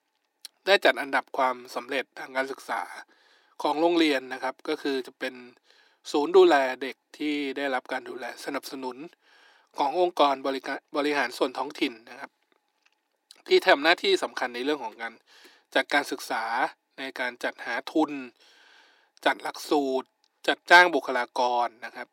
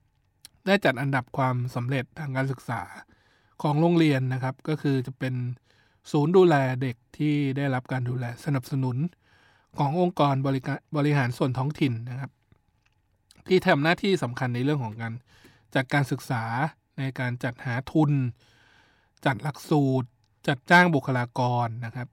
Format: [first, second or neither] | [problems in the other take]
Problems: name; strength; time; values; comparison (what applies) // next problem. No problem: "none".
second | thin; somewhat; fading below 350 Hz